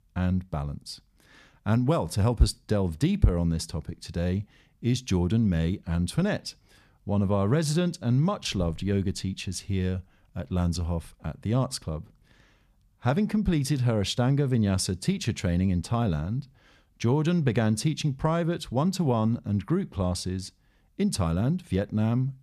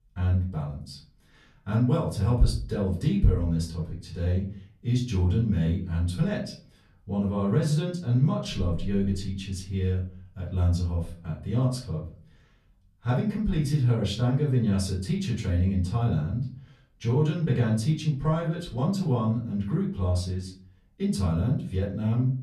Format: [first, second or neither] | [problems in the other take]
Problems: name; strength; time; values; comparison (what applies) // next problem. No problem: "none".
first | off-mic speech; far // room echo; slight; dies away in 0.4 s